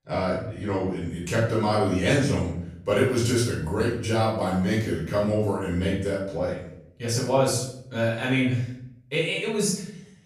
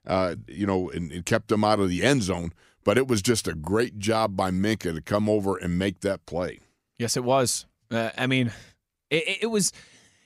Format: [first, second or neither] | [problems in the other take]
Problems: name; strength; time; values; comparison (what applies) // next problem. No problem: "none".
second | room echo; noticeable; dies away in 0.7 s // off-mic speech; far